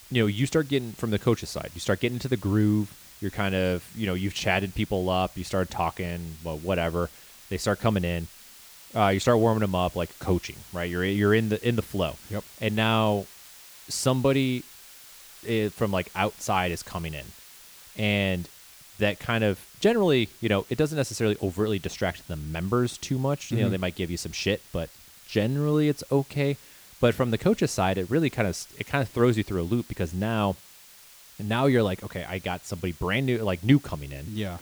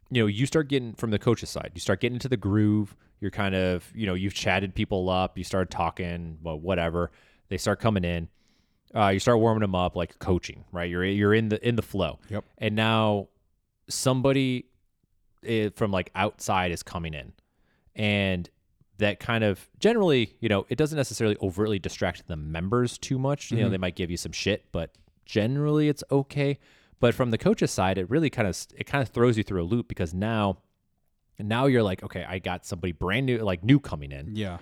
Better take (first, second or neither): second